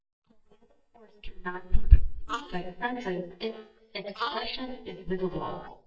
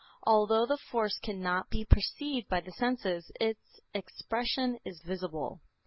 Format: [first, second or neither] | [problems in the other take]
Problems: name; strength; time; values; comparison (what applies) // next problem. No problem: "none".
second | noise reduction (neural mask model DeepFilterNet 3)